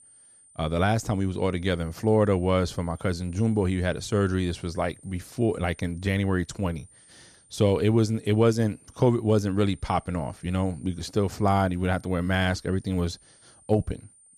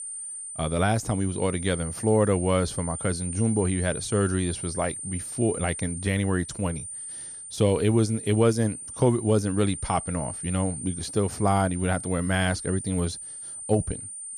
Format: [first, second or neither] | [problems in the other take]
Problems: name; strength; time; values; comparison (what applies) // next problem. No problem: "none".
first | high-pitched whine; loud; throughout; 9 kHz, 8 dB below the speech; faint in the first